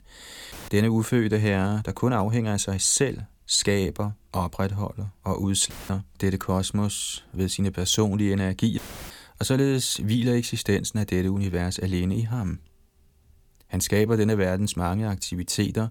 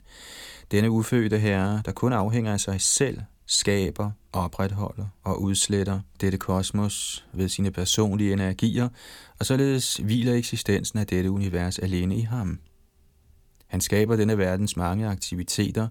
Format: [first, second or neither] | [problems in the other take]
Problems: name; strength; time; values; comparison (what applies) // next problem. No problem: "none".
second | audio cutting out; filled with static; at 0.5 s, at 5.5 s and at 9 s